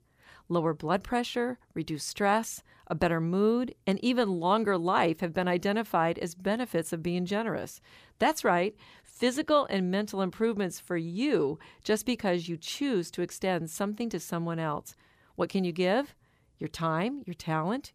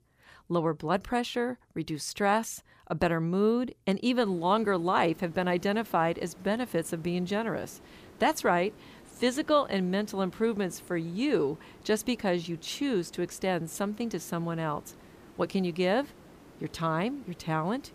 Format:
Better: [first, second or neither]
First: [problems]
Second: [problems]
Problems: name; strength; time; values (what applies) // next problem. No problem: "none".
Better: first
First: none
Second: hiss; faint; from 4.5 s on; 25 dB below the speech